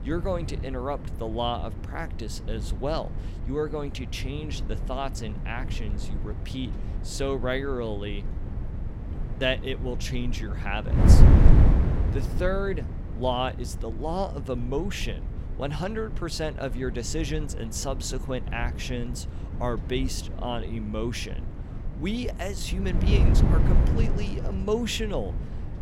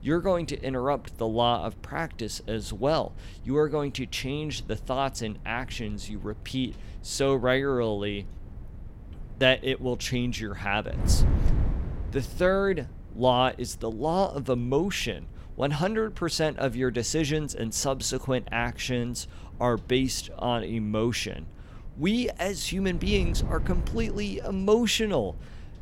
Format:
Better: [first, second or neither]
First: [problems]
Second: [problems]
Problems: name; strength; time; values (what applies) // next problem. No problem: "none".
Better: second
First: wind noise on the microphone; heavy; 7 dB below the speech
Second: wind noise on the microphone; occasional gusts; 20 dB below the speech